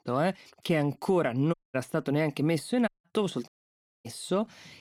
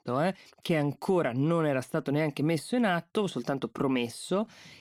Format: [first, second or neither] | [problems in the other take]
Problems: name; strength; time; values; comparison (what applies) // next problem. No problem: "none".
second | audio cutting out; at 1.5 s, at 3 s and at 3.5 s for 0.5 s